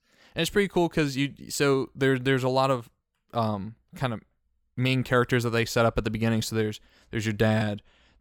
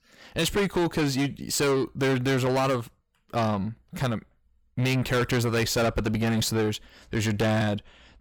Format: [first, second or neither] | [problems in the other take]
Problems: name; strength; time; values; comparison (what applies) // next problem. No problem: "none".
first | distortion; heavy; 6 dB below the speech